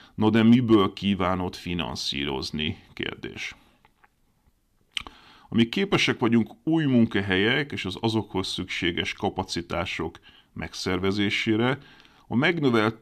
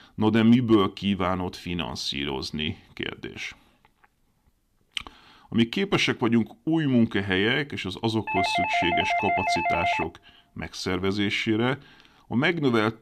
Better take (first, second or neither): first